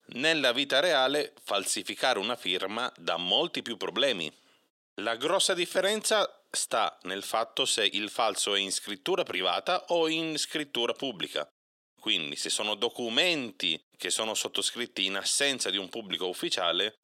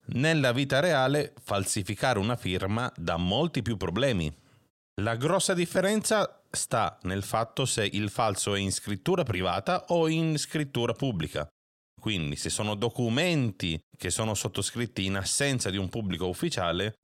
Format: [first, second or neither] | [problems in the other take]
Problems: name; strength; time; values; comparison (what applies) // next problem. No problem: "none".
second | thin; somewhat; fading below 300 Hz